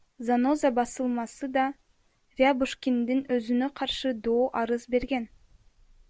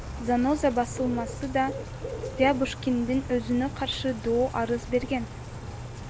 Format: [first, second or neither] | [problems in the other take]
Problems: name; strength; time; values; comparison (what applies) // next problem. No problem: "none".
first | background sound (Bird / Rain); 9 dB below the speech